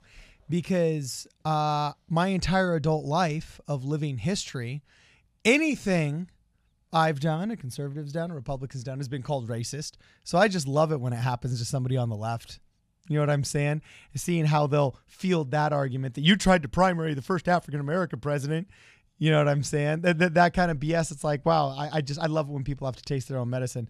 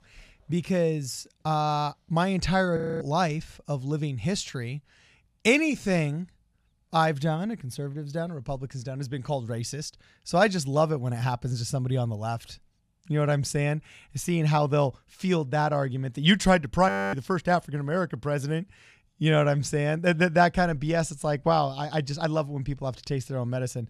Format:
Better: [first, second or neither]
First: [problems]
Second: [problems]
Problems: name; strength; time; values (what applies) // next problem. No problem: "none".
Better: first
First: none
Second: audio freezing; at 3 s and at 17 s